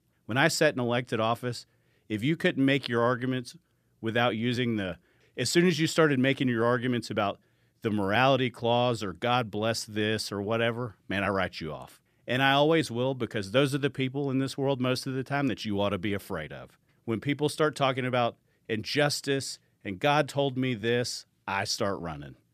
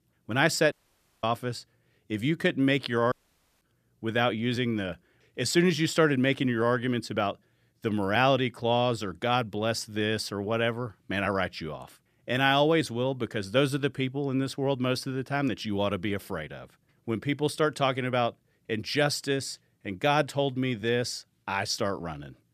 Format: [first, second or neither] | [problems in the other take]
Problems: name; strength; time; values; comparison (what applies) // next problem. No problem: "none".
first | audio cutting out; at 0.5 s for 0.5 s and at 3 s for 0.5 s